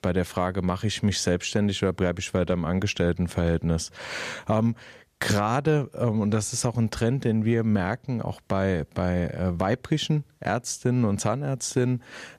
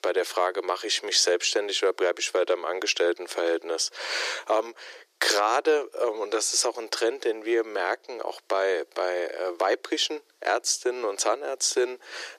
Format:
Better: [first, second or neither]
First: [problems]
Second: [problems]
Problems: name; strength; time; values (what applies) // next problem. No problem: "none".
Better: first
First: none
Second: thin; very; fading below 350 Hz